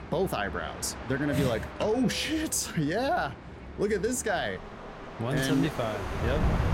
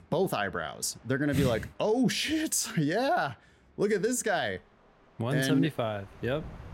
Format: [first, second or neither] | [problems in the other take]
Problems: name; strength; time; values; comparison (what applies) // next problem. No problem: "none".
second | train or aircraft noise; loud; throughout; 8 dB below the speech; faint in the second